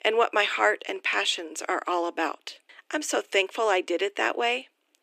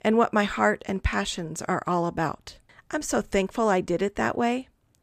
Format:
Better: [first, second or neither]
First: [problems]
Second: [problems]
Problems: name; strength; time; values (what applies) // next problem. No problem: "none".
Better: second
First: thin; very; fading below 300 Hz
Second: none